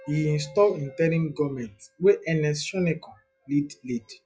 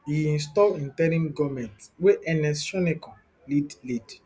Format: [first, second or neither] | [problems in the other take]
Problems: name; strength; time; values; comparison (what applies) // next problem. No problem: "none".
second | noise reduction (classical method log-MMSE)